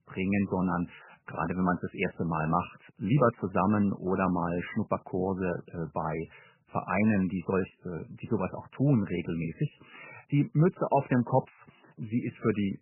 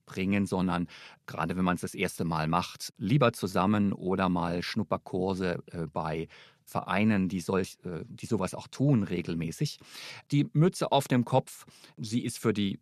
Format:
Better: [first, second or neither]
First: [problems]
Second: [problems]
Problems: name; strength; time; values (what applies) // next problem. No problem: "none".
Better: second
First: garbled, watery; badly; nothing above 3 kHz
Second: none